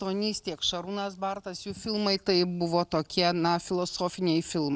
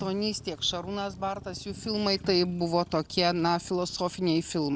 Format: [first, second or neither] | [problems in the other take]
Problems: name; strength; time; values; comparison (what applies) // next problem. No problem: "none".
first | background sound (Snare drum + Motor vehicle (road)); 18 dB below the speech